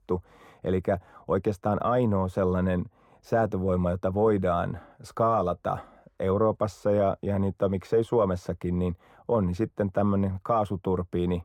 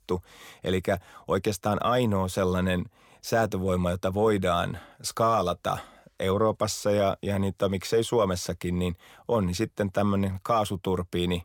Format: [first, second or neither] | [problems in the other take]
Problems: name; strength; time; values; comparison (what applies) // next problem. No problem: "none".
second | muffled; very; fading above 2 kHz